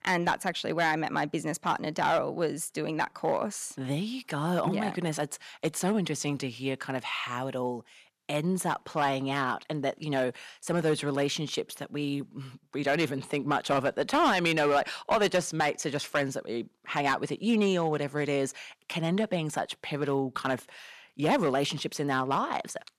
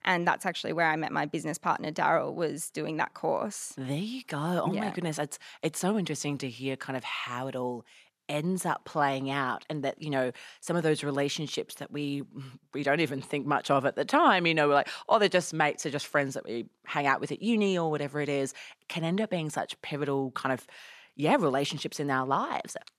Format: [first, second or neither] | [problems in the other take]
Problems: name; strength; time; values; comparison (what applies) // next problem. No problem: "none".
second | distortion; slight; 3% of the sound clipped